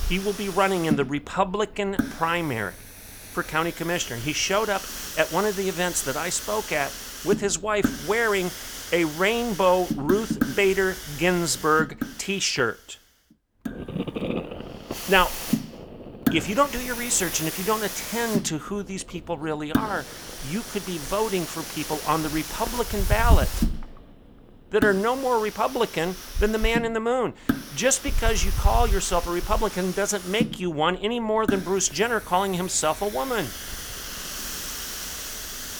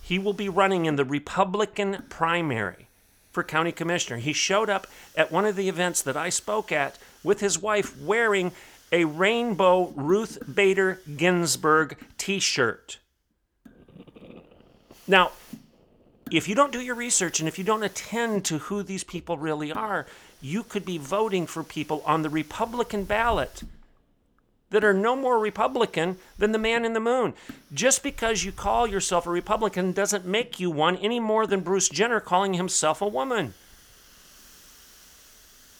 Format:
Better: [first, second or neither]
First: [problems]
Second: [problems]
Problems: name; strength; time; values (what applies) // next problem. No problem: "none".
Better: second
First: hiss; loud; throughout; 6 dB below the speech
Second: hiss; faint; throughout; 25 dB below the speech